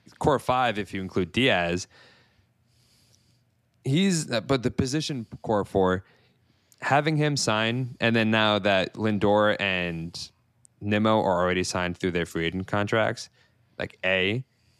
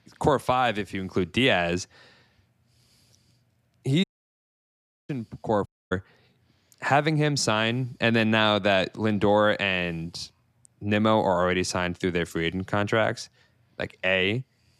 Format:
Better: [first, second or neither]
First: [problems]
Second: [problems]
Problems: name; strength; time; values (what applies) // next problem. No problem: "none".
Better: first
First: none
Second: audio cutting out; at 4 s for 1 s and at 5.5 s